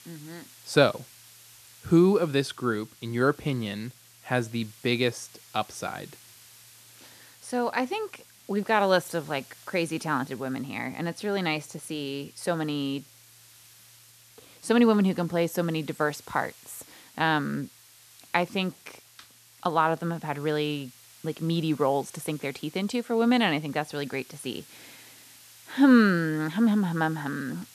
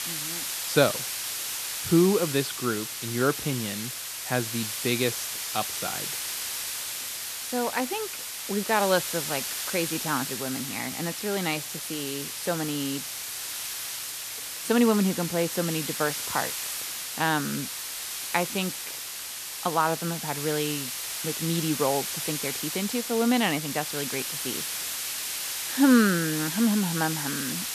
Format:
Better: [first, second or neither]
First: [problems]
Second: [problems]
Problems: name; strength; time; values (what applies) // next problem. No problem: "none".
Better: first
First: hiss; faint; throughout; 25 dB below the speech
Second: hiss; loud; throughout; 3 dB below the speech